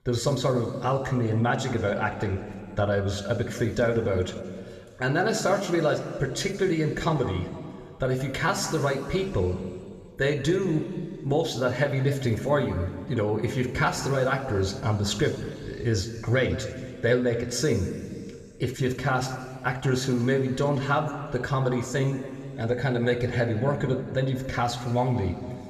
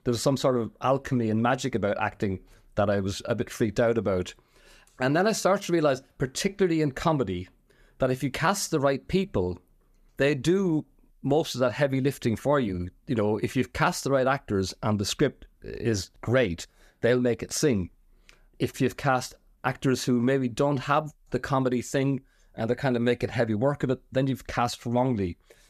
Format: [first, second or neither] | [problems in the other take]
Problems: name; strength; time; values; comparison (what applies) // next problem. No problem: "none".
second | room echo; slight; dies away in 2.4 s